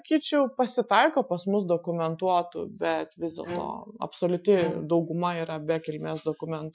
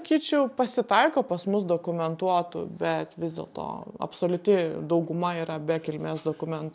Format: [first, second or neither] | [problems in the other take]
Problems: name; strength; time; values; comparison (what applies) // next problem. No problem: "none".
second | noise reduction (classical method Wiener filter)